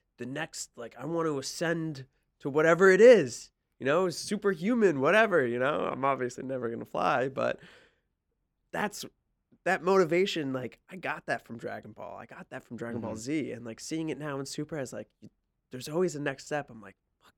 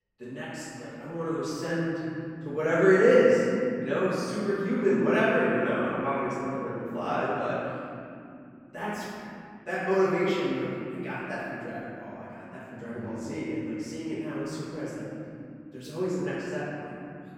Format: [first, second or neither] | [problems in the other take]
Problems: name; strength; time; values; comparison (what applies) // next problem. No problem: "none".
first | room echo; strong; dies away in 2.9 s // off-mic speech; far